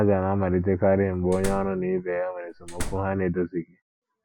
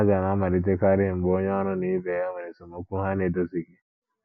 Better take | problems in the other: second | background sound (Slam); 10 dB below the speech

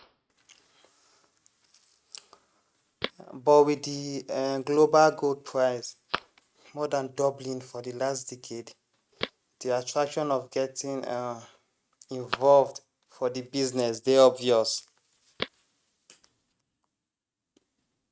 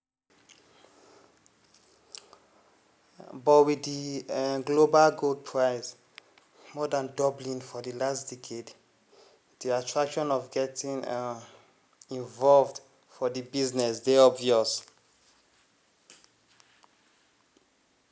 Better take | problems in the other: second | noise reduction (neural mask model RNNoise)

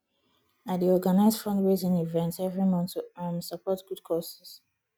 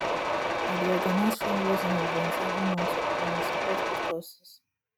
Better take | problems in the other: first | background sound (Mechanisms); 4 dB above the speech

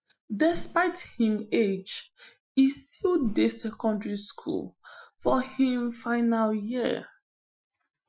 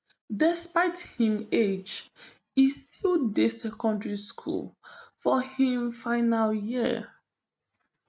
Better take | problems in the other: second | noise reduction (classical method Wiener filter)

